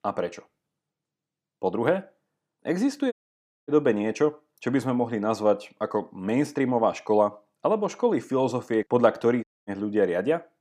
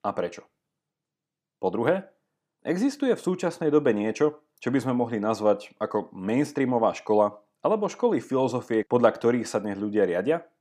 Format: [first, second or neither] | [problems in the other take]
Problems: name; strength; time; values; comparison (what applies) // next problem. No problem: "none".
second | audio cutting out; at 3 s for 0.5 s and at 9.5 s